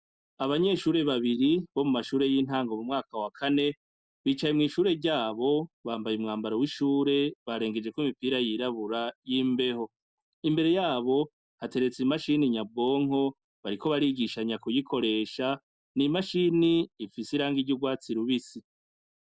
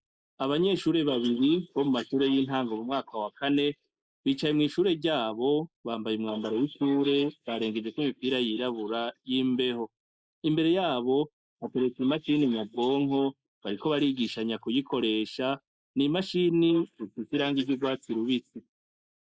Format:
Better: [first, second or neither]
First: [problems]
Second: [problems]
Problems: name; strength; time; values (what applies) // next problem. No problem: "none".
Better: first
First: none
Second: noise reduction (neural mask model Resemble Enhance denoiser)